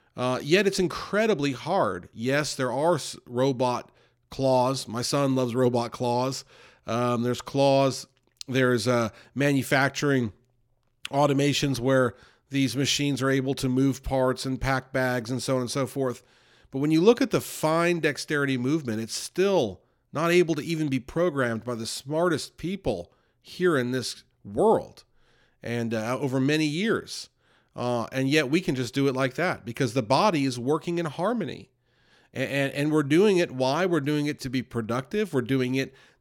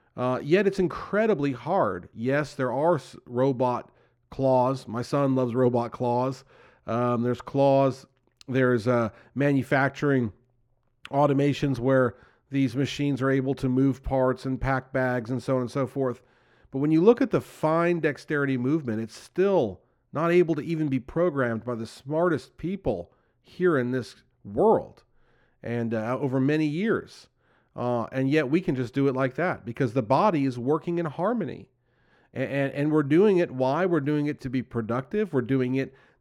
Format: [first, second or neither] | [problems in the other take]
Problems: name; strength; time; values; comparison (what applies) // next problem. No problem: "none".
first | muffled; slightly; fading above 2.5 kHz